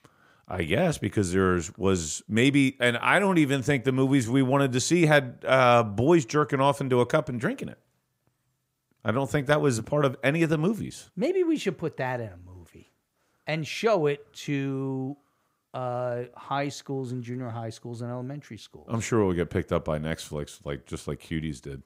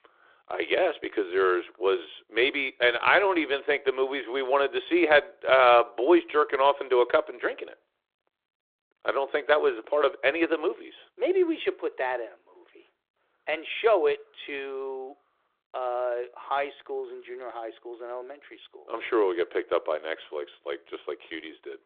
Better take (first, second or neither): first